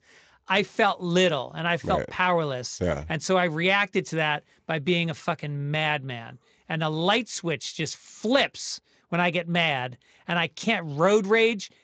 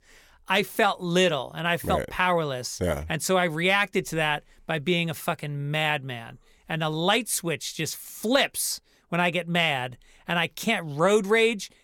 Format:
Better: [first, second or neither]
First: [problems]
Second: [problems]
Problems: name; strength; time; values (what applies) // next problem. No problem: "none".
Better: second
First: garbled, watery; slightly; nothing above 7.5 kHz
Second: none